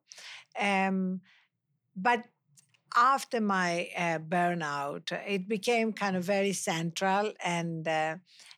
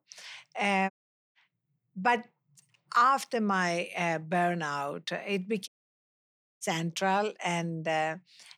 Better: first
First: none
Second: audio cutting out; at 1 s and at 5.5 s for 1 s

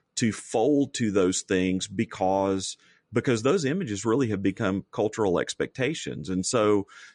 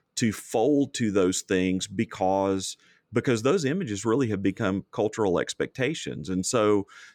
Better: second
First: garbled, watery; slightly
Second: none

